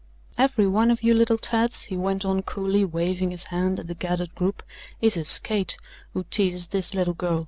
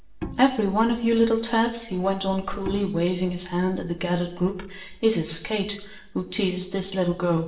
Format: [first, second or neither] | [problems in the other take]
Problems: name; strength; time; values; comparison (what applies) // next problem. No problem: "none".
first | background sound (Bowed string instrument); 14 dB below the speech // room echo; dies away in 0.7 s